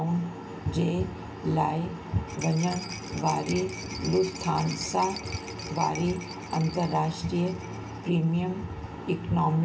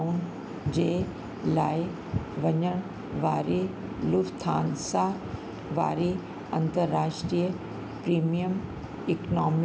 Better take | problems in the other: second | background sound (Rattle); 16 dB below the speech // room echo; dies away in 0.2 s

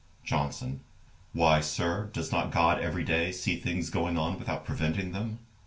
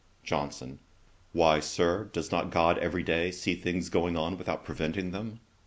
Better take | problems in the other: second | room echo; dies away in 0.2 s

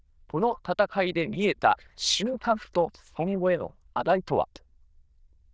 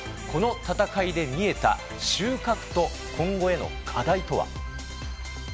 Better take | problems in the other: second | noise reduction (neural diffusion model UNIVERSE++)

